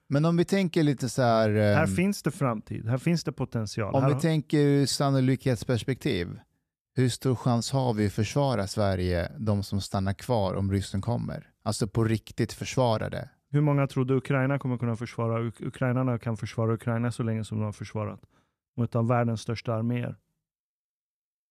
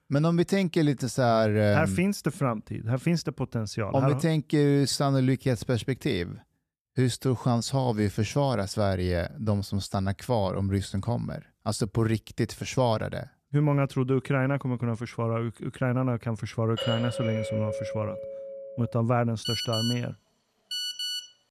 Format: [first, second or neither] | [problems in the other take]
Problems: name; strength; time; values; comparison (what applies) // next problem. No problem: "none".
first | doorbell; noticeable; from 17 to 19 s; peak 4 dB below the speech // phone ringing; noticeable; from 19 s on; peak 2 dB below the speech